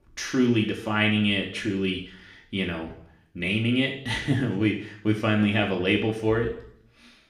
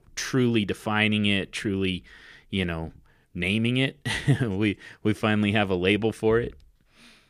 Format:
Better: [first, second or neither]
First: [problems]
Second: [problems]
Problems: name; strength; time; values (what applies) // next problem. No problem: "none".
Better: second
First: room echo; slight; dies away in 0.6 s // off-mic speech; somewhat distant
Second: none